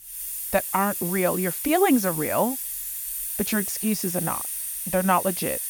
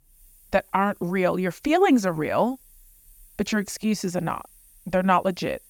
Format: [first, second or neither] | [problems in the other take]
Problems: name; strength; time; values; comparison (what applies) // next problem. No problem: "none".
second | hiss; loud; throughout; 3 dB below the speech; faint in the second